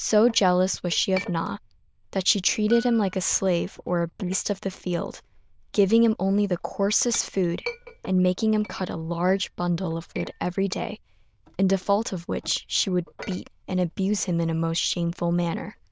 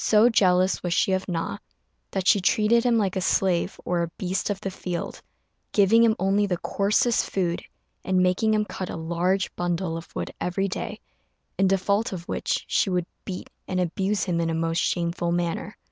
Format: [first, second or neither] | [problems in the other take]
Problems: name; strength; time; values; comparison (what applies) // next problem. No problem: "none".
second | noise reduction (neural diffusion model UNIVERSE++)